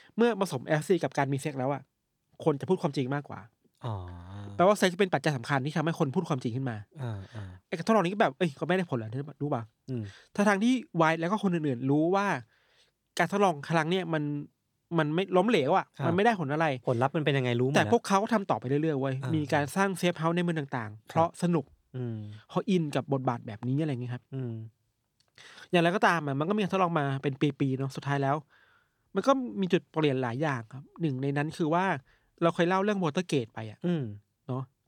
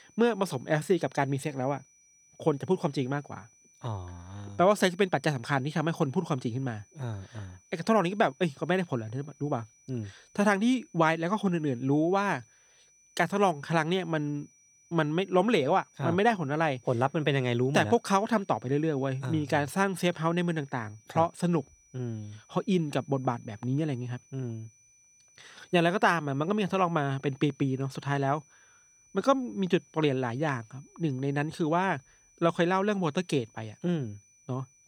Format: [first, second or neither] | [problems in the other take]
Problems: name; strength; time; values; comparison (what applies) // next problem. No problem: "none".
first | high-pitched whine; faint; throughout; 6 kHz, 30 dB below the speech